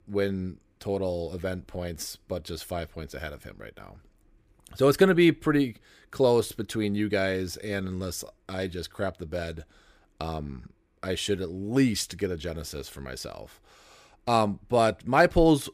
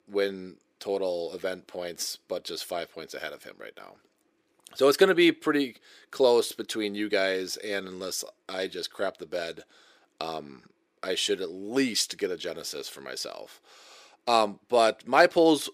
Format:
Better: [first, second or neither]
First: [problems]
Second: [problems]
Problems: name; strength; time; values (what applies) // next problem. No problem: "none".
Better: first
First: none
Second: thin; somewhat; fading below 400 Hz